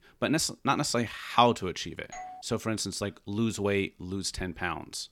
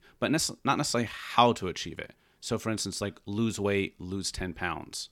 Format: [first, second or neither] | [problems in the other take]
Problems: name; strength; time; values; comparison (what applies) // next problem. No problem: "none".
second | doorbell; faint; at 2 s; peak 15 dB below the speech